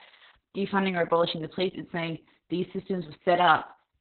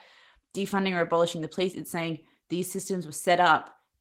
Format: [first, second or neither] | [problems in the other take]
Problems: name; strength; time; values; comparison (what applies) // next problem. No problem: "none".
second | garbled, watery; badly; nothing above 4 kHz; slightly in the second